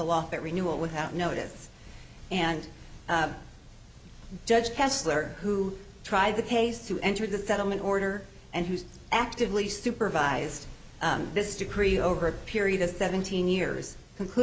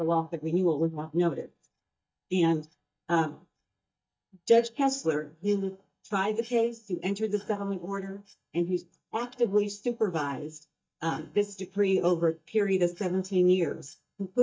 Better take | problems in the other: first | noise reduction (neural mask model DeepFilterNet 3)

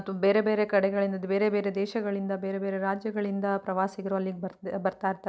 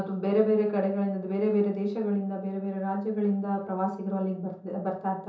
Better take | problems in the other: first | room echo; dies away in 0.6 s

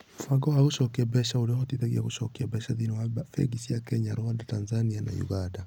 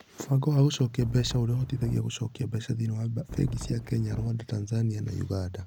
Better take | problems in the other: first | background sound (Wind); 11 dB below the speech

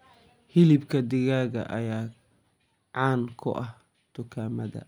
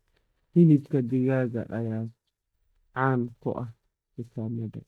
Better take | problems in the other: first | noise reduction (neural mask model DeepFilterNet 3)

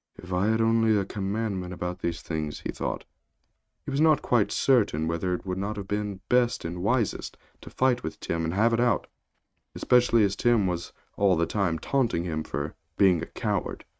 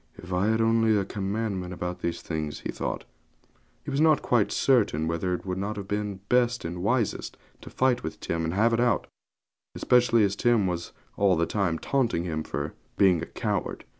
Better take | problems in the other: second | noise reduction (neural mask model RNNoise)

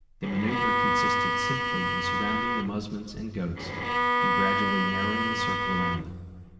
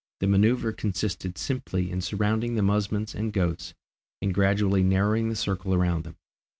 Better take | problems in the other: second | background sound (Bowed string instrument); 4 dB above the speech // room echo; dies away in 2.1 s

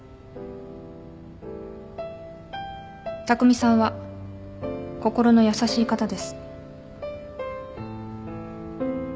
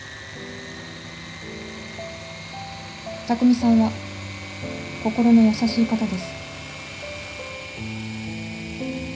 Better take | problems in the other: first | background sound (Engine / Mechanisms); 13 dB below the speech // room echo; dies away in 0.4 s

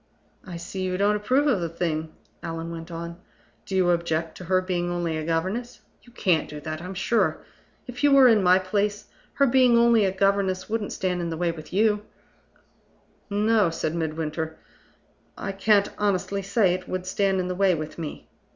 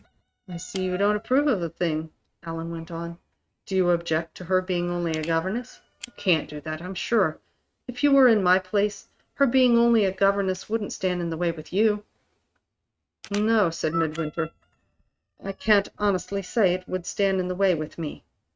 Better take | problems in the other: first | noise reduction (neural mask model RNNoise)

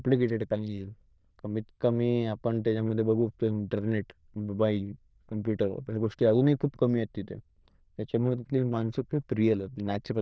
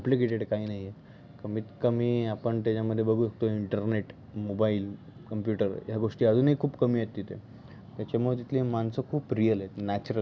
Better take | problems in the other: second | noise reduction (neural diffusion model UNIVERSE++)

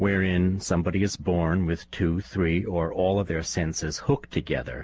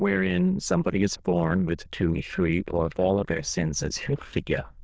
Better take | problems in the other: first | noise reduction (neural diffusion model UNIVERSE++)

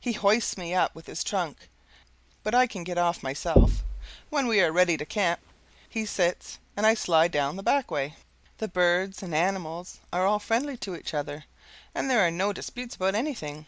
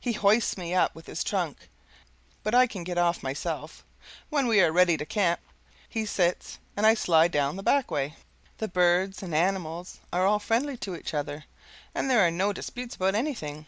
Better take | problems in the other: second | background sound (Knock); as loud as the speech

